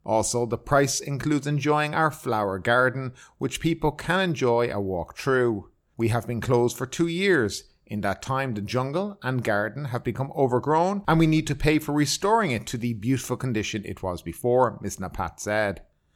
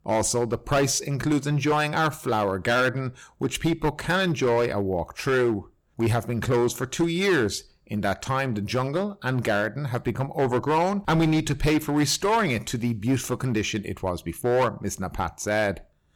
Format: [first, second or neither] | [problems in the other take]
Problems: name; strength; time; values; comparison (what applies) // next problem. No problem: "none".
first | distortion; slight; 8% of the sound clipped